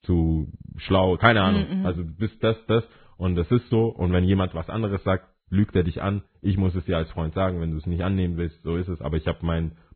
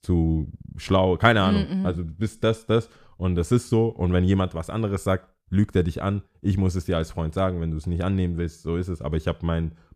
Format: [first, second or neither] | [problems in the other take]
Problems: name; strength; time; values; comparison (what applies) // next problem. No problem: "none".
second | garbled, watery; badly; nothing above 3.5 kHz